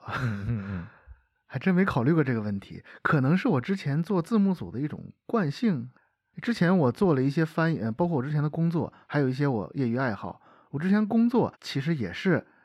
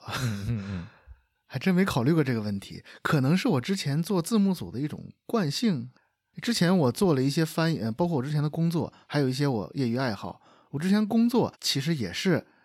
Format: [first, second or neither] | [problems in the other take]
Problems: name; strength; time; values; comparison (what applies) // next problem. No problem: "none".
second | muffled; slightly; fading above 3.5 kHz